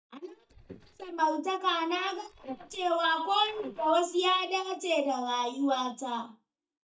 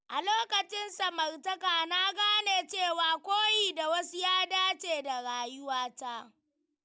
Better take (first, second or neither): second